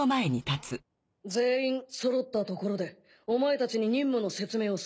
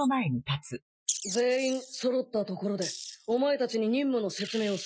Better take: first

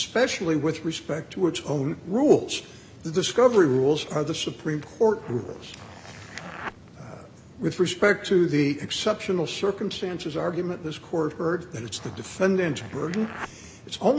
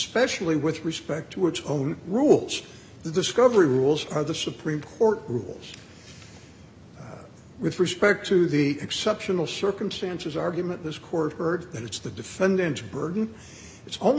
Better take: second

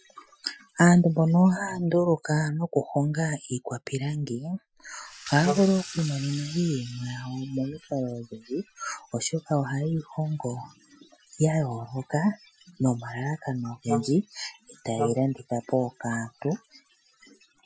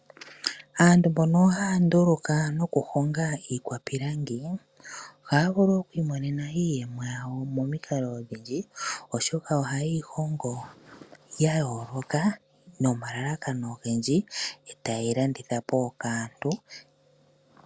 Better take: second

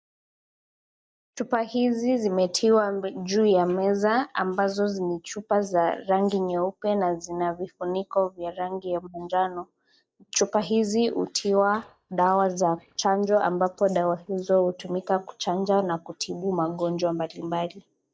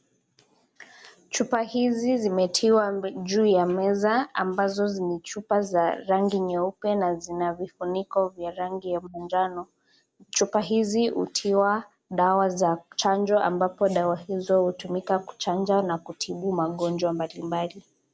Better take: second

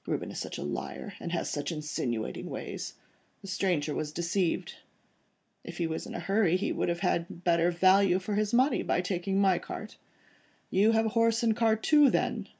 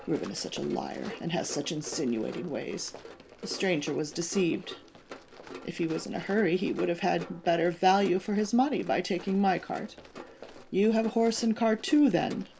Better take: first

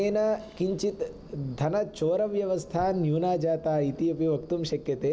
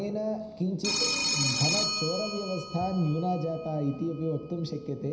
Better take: first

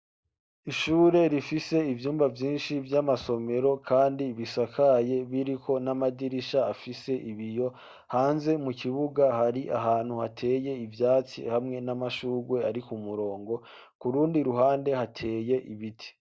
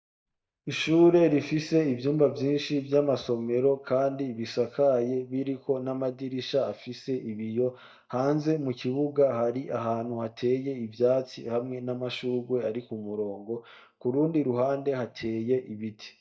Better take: first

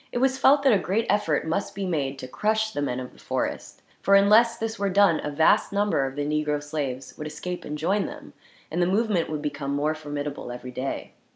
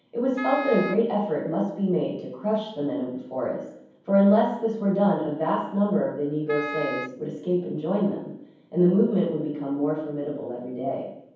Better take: first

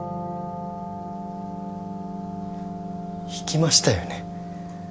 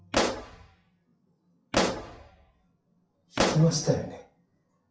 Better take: first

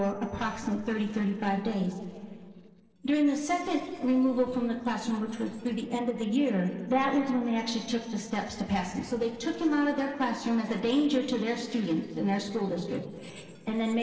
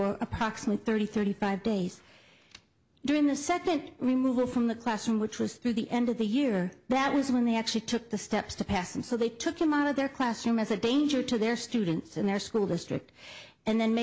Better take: second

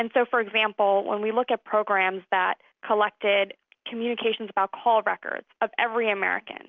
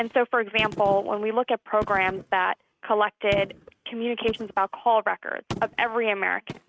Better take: first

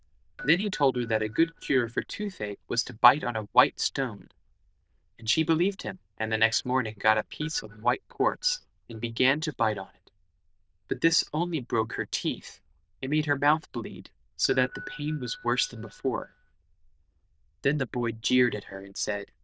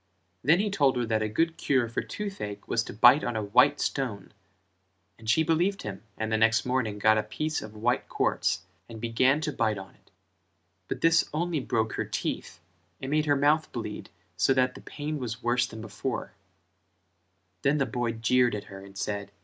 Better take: second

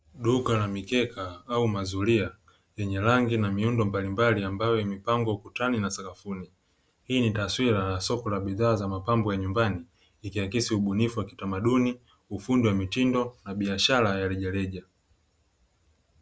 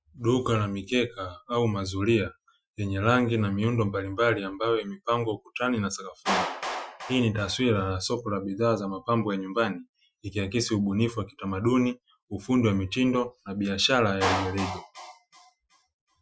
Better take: first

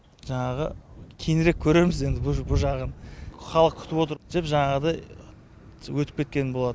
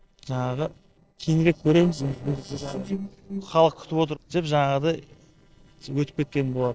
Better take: first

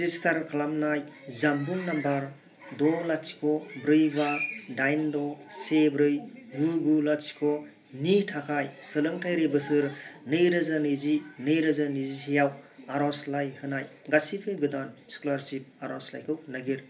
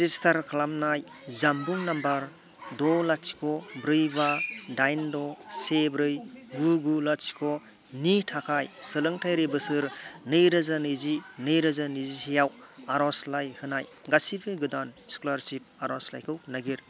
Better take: second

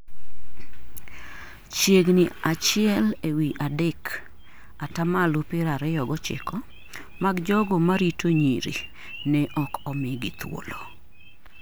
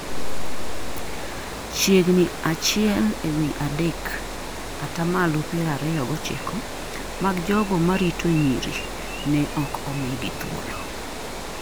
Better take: first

